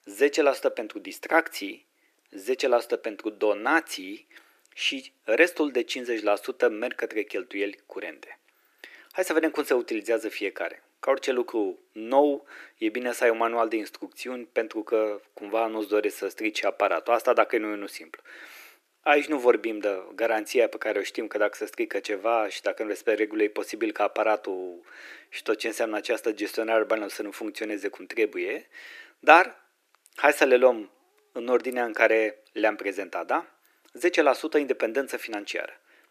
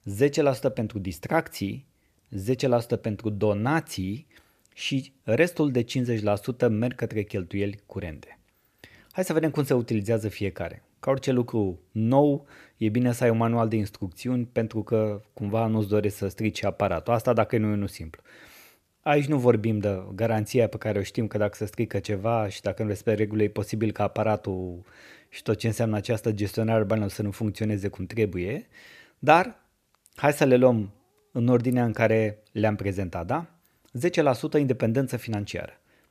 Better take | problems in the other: second | thin; very; fading below 300 Hz

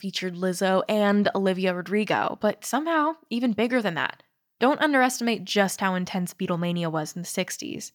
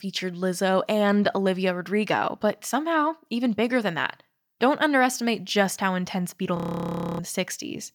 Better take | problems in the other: first | audio freezing; at 6.5 s for 0.5 s

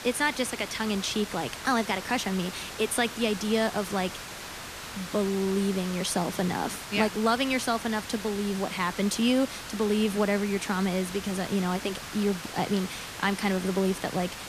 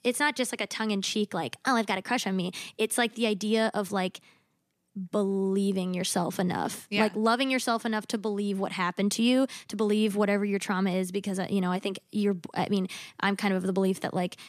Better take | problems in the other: second | hiss; loud; throughout; 10 dB below the speech

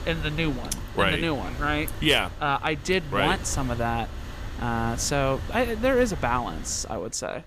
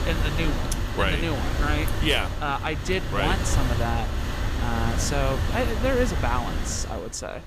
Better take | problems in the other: first | wind noise on the microphone; heavy; 5 dB below the speech; occasional gusts in the first

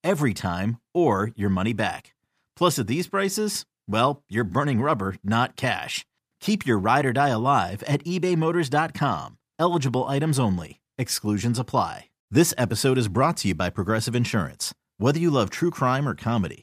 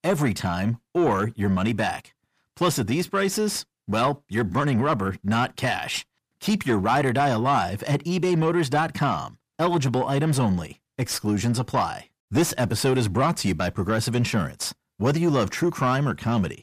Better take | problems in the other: first | distortion; slight; 10 dB below the speech

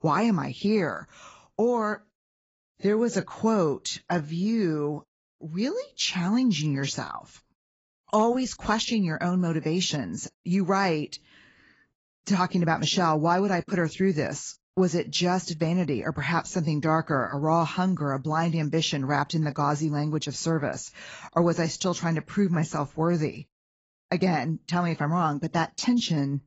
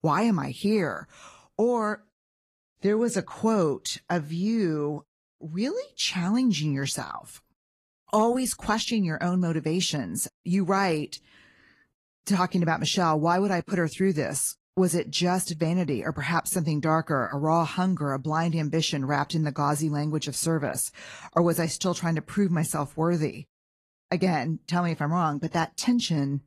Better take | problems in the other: second | garbled, watery; badly; nothing above 7.5 kHz; slightly in the second

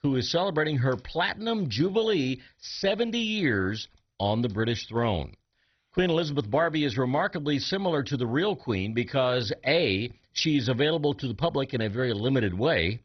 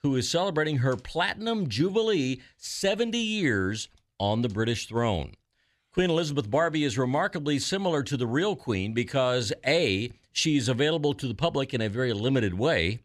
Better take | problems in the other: second | garbled, watery; badly; nothing above 6 kHz

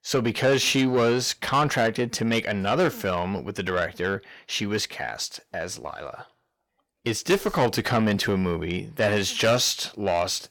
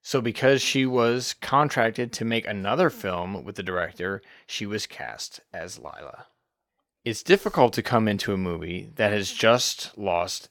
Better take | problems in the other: second | distortion; heavy; 8 dB below the speech

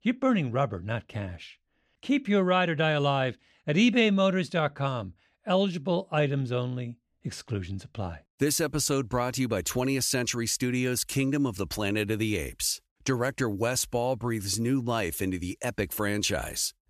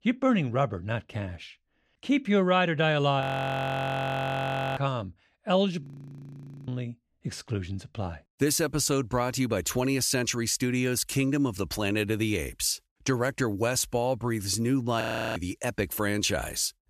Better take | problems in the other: first | audio freezing; at 3 s for 1.5 s, at 6 s for 1 s and at 15 s

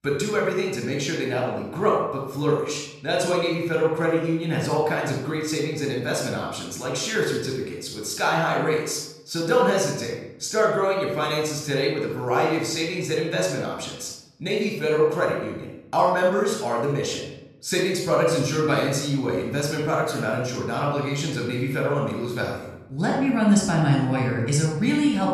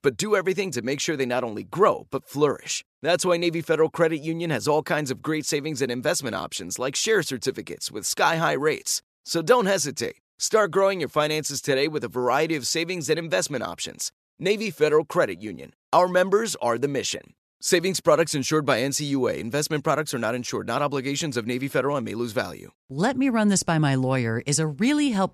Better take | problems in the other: second | off-mic speech; somewhat distant // room echo; noticeable; dies away in 0.8 s

